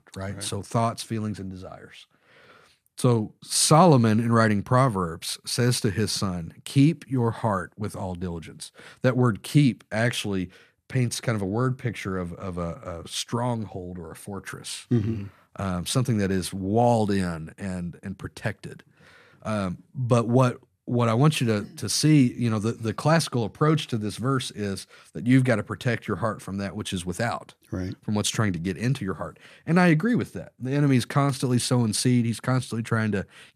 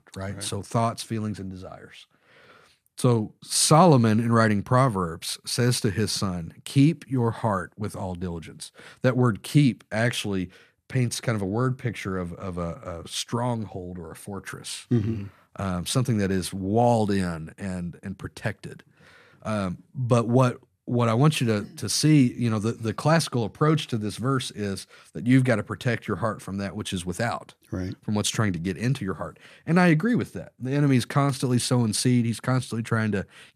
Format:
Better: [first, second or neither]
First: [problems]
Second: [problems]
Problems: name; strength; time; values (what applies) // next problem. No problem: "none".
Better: neither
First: none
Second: none